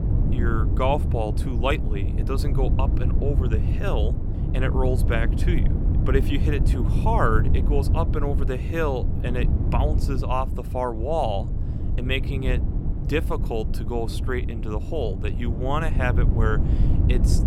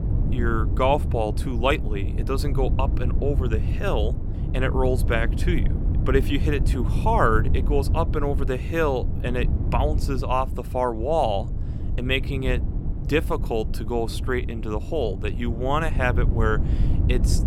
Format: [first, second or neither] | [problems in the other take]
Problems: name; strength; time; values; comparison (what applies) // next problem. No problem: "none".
second | wind noise on the microphone; heavy; 9 dB below the speech; occasional gusts in the second